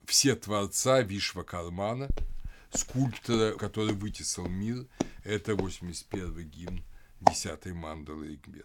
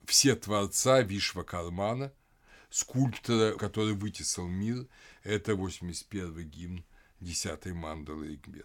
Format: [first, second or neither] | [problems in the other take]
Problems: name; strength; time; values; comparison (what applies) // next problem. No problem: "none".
second | footsteps; loud; from 2 to 7.5 s; peak 4 dB above the speech